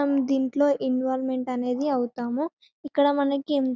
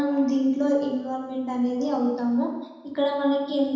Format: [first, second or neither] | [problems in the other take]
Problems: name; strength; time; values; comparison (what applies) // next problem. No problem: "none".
first | room echo; dies away in 1.1 s